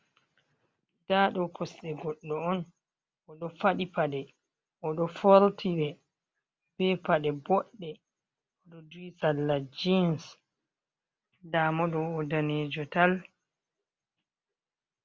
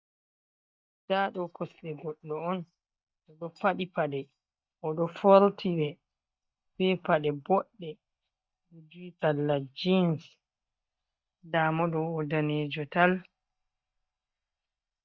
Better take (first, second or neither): first